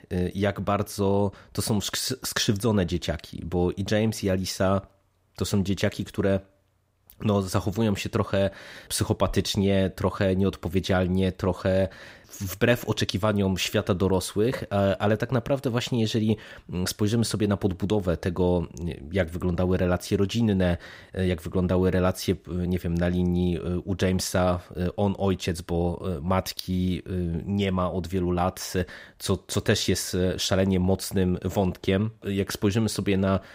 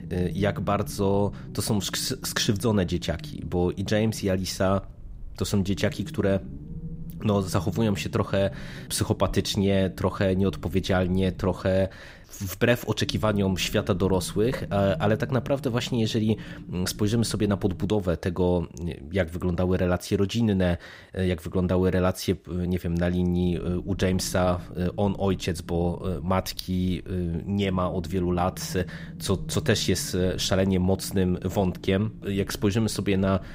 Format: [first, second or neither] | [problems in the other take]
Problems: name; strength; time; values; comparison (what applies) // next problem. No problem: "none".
first | low rumble; faint; until 18 s and from 23 s on; 20 dB below the speech